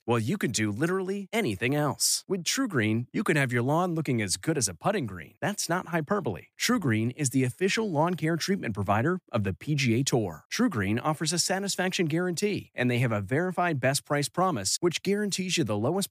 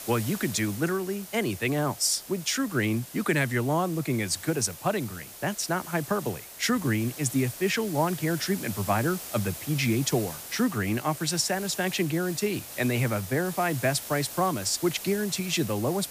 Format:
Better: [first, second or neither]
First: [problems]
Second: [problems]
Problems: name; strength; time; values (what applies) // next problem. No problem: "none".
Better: first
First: none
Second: hiss; noticeable; throughout; 10 dB below the speech